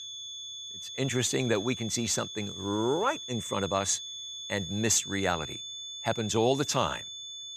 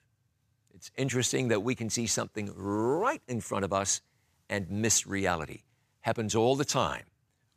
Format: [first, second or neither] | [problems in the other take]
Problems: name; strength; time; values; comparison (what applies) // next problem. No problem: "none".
second | high-pitched whine; loud; throughout; 3.5 kHz, 8 dB below the speech